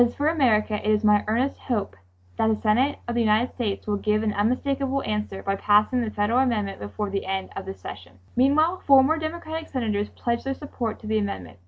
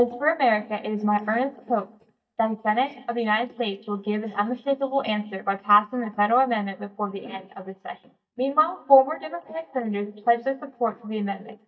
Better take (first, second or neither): first